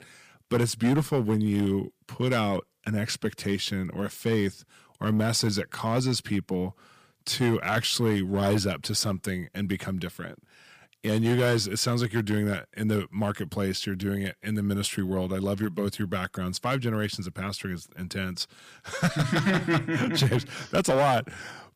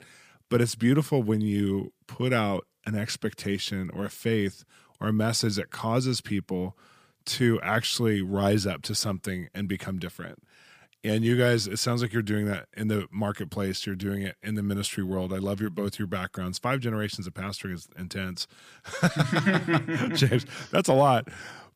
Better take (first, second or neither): second